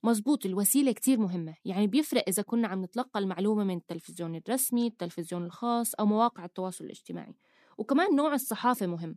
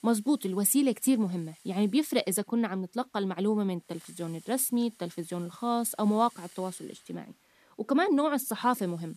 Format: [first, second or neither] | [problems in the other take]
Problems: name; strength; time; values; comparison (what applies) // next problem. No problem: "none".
first | hiss; faint; throughout; 25 dB below the speech